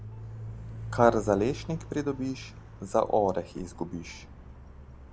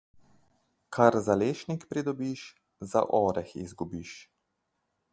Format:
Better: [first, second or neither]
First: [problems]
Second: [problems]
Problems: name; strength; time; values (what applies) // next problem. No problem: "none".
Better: second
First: background sound (Car); 12 dB below the speech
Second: none